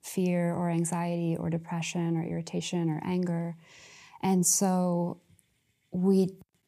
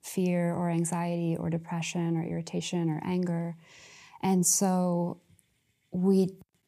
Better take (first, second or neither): neither